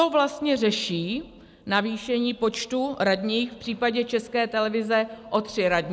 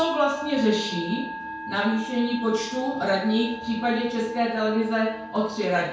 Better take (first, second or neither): first